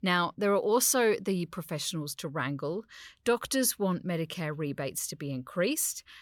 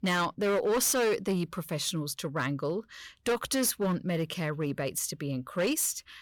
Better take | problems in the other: first | distortion; slight; 9% of the sound clipped

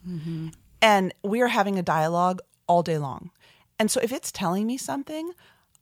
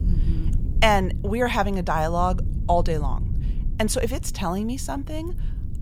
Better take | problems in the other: first | low rumble; faint; throughout; 20 dB below the speech

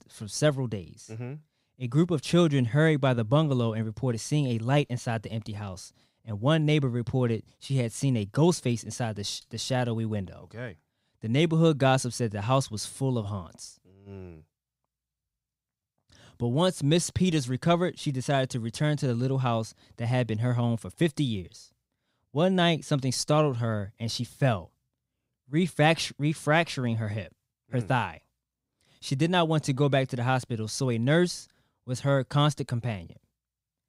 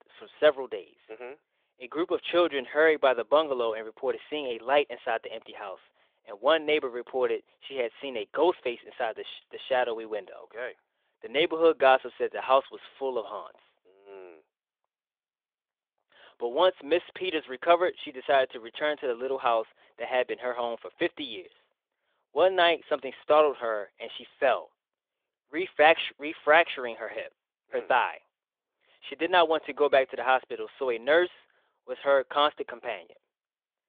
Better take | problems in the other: first | phone-call audio; nothing above 3.5 kHz

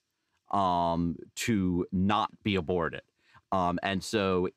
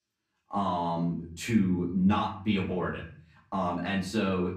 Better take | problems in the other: first | room echo; slight; dies away in 0.5 s // off-mic speech; far

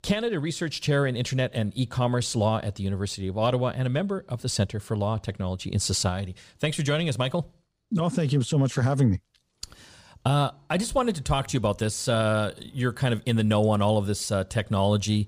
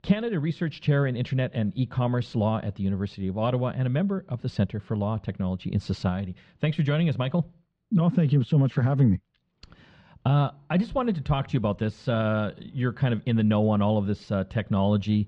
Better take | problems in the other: first | muffled; slightly; fading above 3 kHz

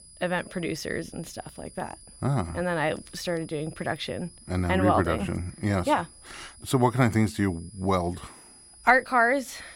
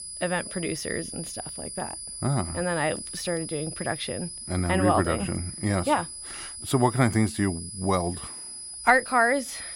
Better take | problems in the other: first | high-pitched whine; loud; throughout; 10 kHz, 9 dB below the speech; faint in the first

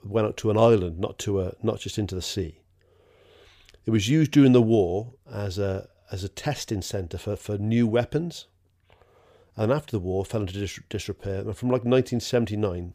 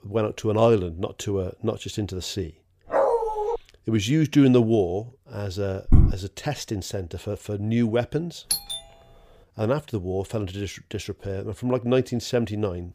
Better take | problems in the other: first | dog barking; loud; at 3 s; peak 4 dB above the speech // footsteps; loud; at 6 s; peak 5 dB above the speech // doorbell; noticeable; at 8.5 s; peak 1 dB below the speech

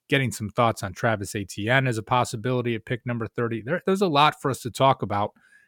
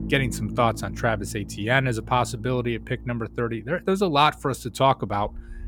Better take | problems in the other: first | low rumble; faint; throughout; 25 dB below the speech

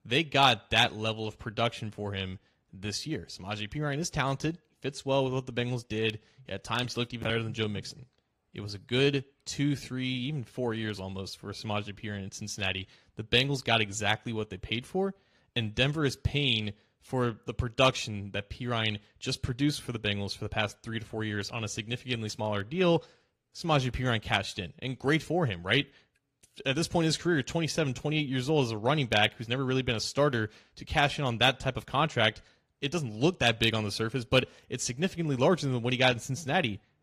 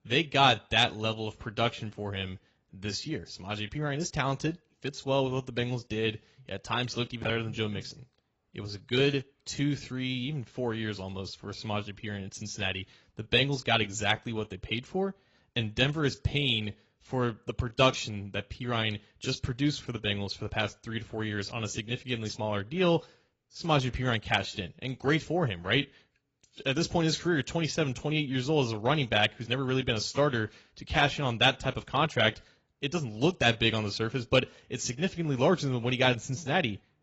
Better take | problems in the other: first | garbled, watery; badly; nothing above 7.5 kHz; slightly in the first

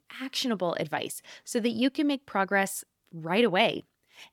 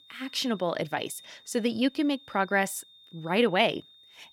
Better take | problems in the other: first | high-pitched whine; faint; throughout; 3.5 kHz, 25 dB below the speech

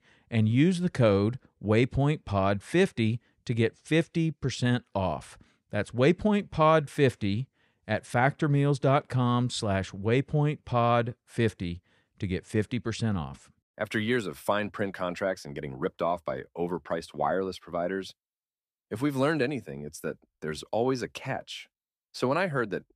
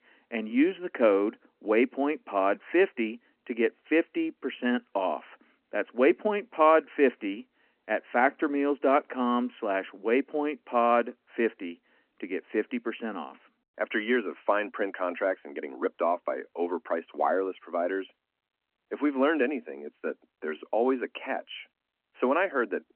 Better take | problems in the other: first | phone-call audio

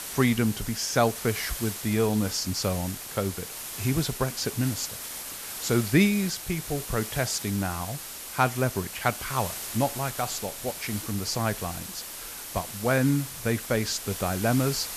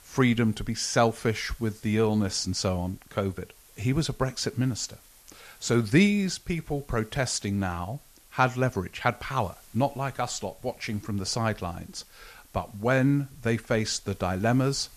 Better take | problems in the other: second | hiss; loud; throughout; 7 dB below the speech; faint in the second

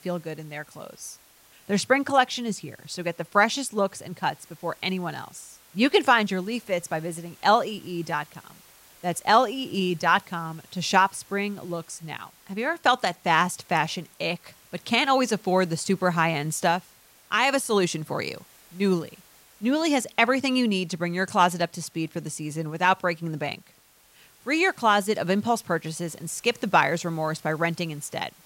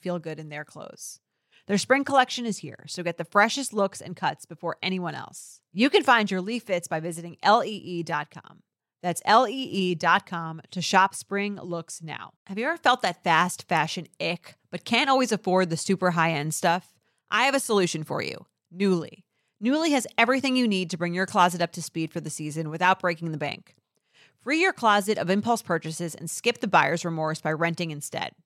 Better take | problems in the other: second | hiss; faint; throughout; 25 dB below the speech

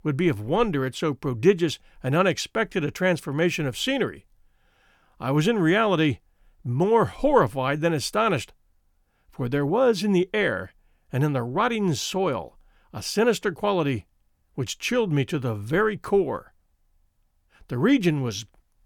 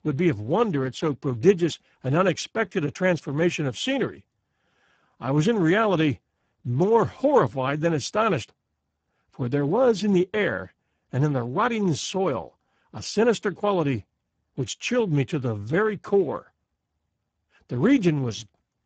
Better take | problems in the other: first | garbled, watery; badly; nothing above 7.5 kHz

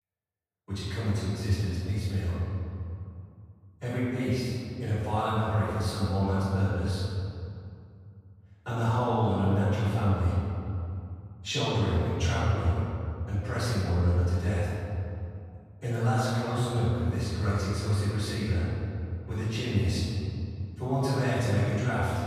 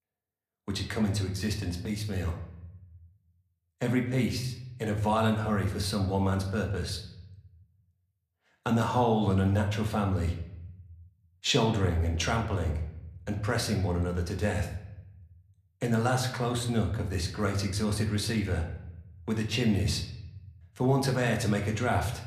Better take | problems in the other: second | room echo; strong; dies away in 2.7 s; slight in the second // off-mic speech; far

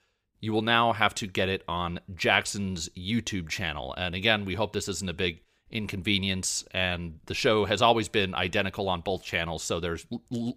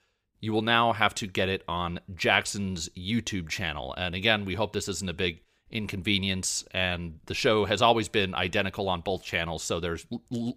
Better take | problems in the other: neither | none

